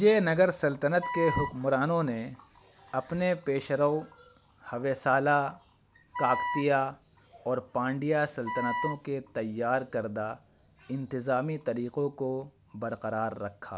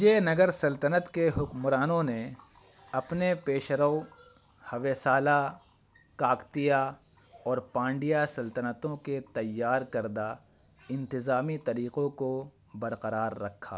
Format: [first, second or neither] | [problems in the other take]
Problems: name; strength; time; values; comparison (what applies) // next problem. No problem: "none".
second | background sound (Wind instrument, woodwind instrument); 5 dB below the speech